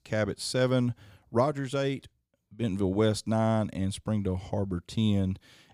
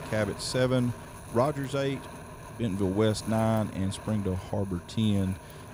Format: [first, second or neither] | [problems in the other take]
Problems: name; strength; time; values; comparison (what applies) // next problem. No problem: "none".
first | wind noise on the microphone; occasional gusts; 15 dB below the speech